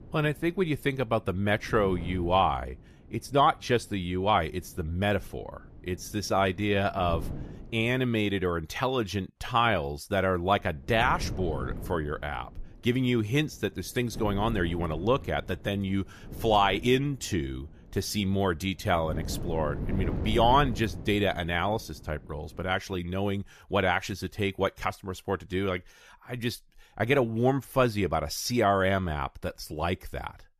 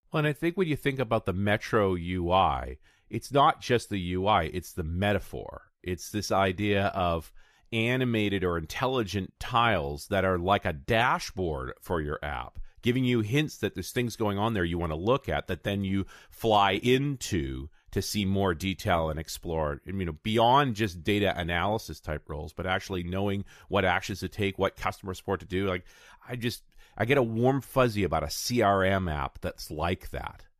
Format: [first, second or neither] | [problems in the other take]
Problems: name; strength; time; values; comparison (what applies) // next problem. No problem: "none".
second | wind noise on the microphone; occasional gusts; until 8 s and from 11 to 23 s; 20 dB below the speech